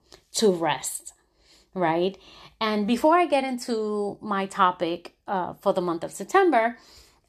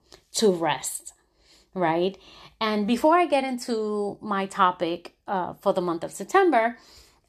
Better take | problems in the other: neither | none

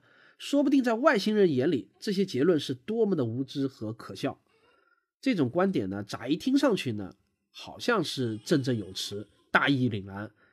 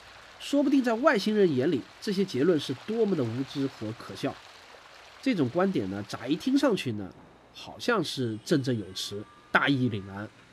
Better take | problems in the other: first | rain or running water; faint; throughout; 20 dB below the speech

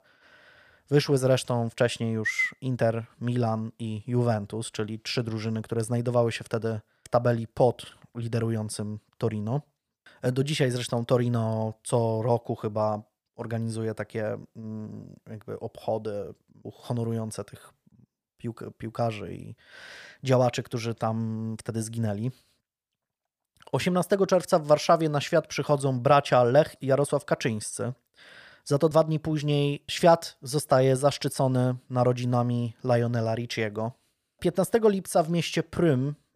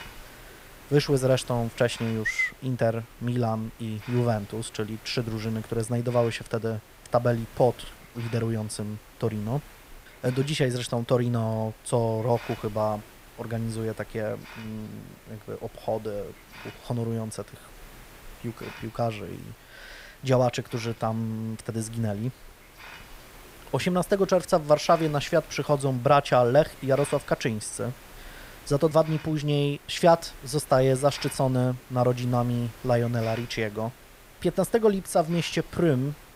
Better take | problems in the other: first | hiss; noticeable; throughout; 20 dB below the speech

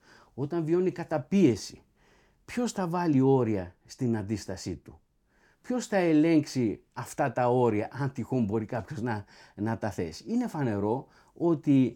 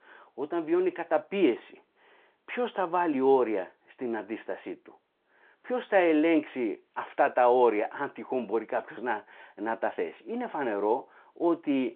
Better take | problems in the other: first | phone-call audio

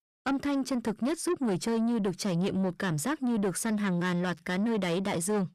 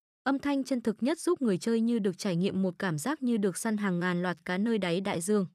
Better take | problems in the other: second | distortion; slight; 10 dB below the speech

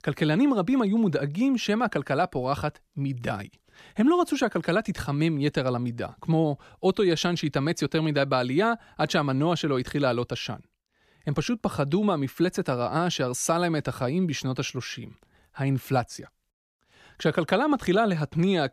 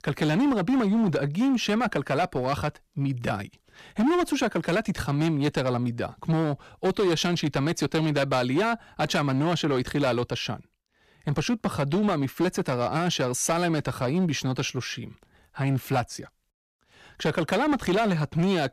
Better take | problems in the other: first | distortion; slight; 11% of the sound clipped

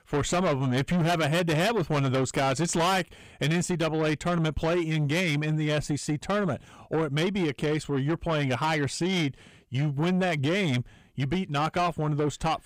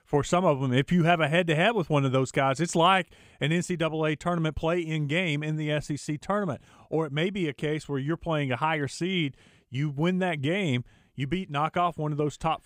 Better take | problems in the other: second | distortion; heavy; 7 dB below the speech

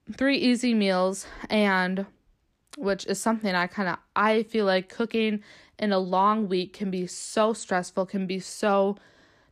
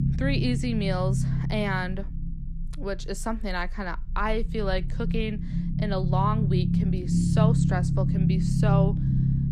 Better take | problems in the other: first | low rumble; loud; throughout; 5 dB below the speech

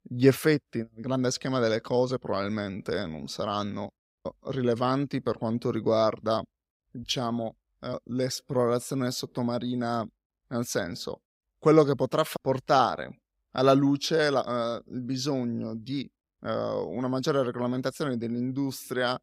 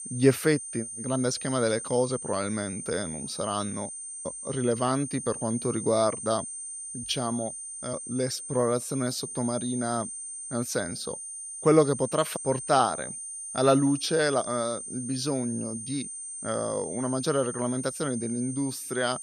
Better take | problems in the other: first | high-pitched whine; loud; throughout; 8.5 kHz, 7 dB below the speech

